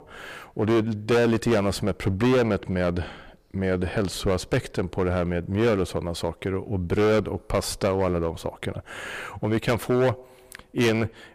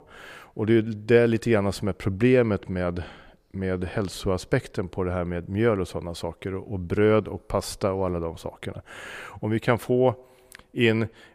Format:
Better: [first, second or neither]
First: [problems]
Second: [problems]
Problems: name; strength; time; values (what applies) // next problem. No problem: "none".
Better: second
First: distortion; heavy; 11% of the sound clipped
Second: none